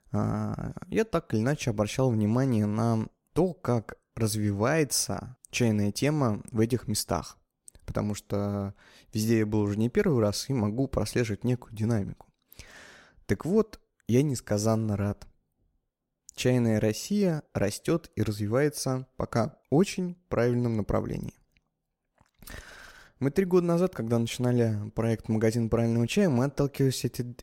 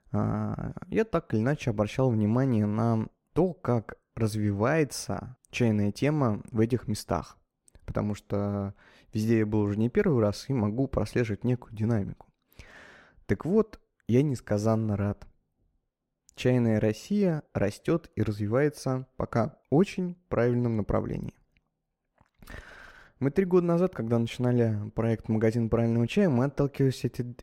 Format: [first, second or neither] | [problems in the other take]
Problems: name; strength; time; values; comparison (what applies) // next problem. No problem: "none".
first | muffled; slightly; fading above 4 kHz